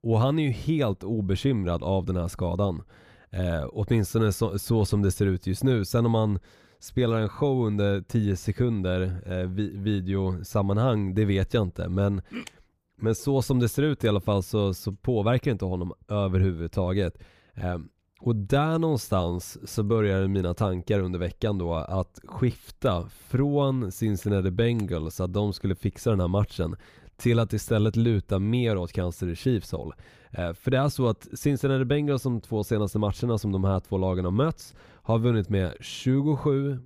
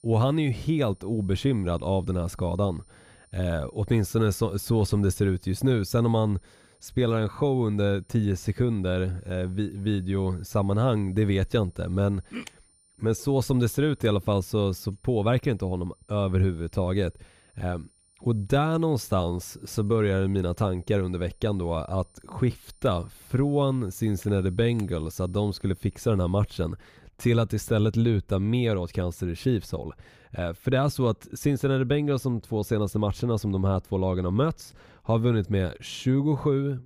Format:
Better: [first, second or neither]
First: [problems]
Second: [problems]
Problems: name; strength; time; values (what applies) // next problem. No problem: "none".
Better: first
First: none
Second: high-pitched whine; faint; until 27 s; 9 kHz, 30 dB below the speech